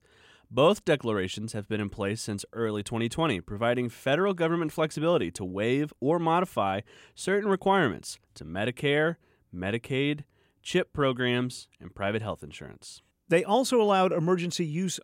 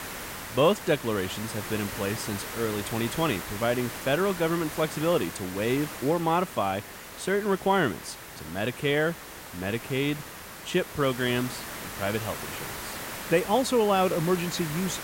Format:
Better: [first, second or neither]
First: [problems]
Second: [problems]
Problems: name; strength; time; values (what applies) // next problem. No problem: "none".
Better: first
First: none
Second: hiss; loud; throughout; 9 dB below the speech